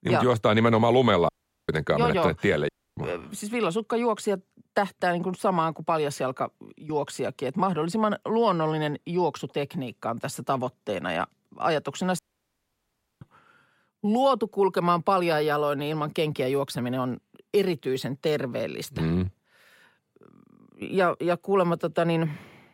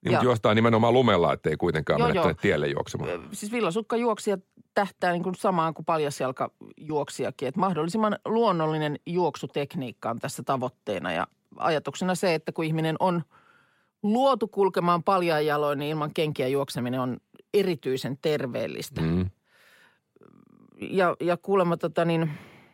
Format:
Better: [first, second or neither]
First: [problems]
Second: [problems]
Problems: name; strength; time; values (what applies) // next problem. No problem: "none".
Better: second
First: audio cutting out; at 1.5 s, at 2.5 s and at 12 s for 1 s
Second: none